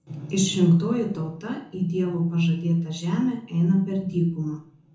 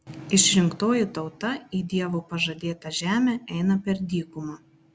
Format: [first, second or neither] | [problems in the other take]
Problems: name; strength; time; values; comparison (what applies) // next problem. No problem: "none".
second | room echo; dies away in 0.6 s